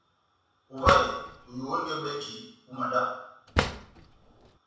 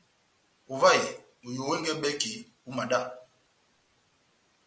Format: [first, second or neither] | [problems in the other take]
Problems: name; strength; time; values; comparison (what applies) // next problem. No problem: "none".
second | background sound (Drawer open or close); 1 dB below the speech // room echo; dies away in 0.7 s